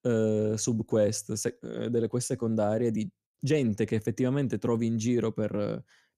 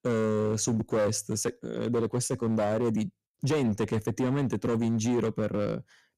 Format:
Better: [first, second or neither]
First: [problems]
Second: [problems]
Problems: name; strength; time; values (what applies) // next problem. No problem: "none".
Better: first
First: none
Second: distortion; slight; 13% of the sound clipped